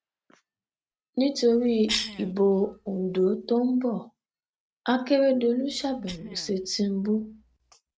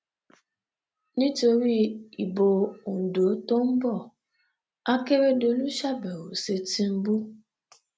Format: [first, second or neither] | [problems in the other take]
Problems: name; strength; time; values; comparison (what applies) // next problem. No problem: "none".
second | noise reduction (neural mask model RNNoise)